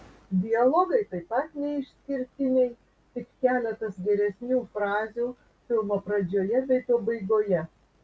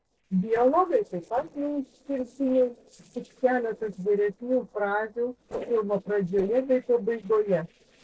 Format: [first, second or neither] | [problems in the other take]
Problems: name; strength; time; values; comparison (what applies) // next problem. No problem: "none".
first | noise reduction (neural separator model SepFormer DNS4)